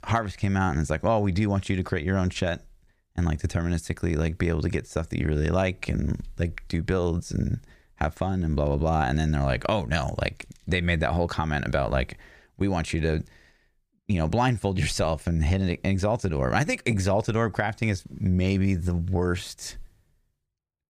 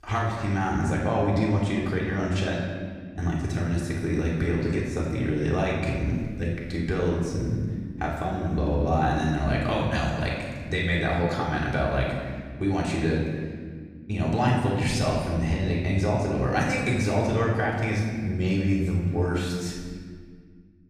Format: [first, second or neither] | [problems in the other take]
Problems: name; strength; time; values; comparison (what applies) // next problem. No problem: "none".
first | off-mic speech; far // room echo; noticeable; dies away in 1.6 s